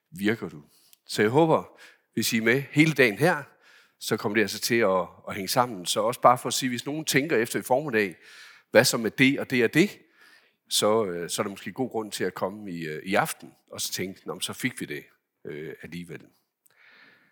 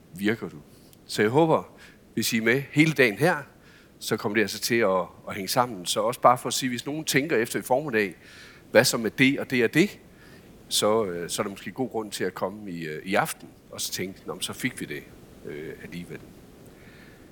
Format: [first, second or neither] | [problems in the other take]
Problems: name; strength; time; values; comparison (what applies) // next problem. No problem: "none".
first | hiss; faint; throughout; 25 dB below the speech